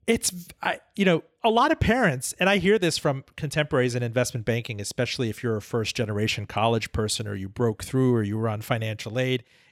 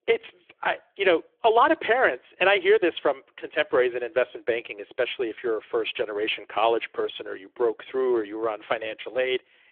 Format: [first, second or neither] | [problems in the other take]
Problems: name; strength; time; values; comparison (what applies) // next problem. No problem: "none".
first | phone-call audio; nothing above 3.5 kHz